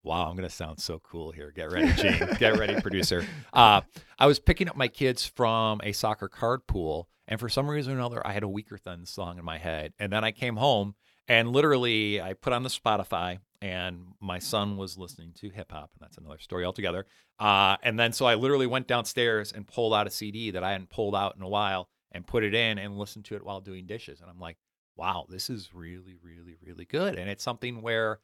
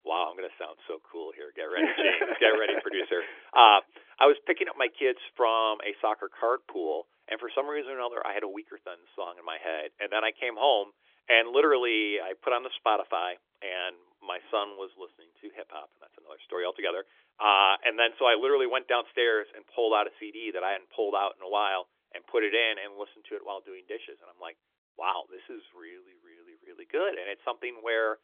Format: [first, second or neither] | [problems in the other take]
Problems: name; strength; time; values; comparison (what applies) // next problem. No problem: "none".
first | phone-call audio; nothing above 3.5 kHz